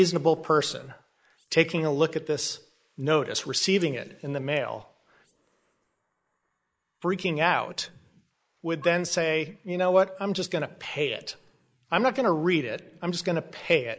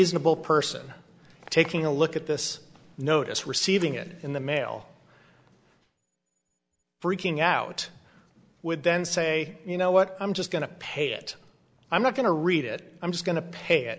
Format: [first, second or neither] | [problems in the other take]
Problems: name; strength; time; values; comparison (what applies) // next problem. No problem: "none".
second | noise reduction (neural mask model Resemble Enhance denoiser)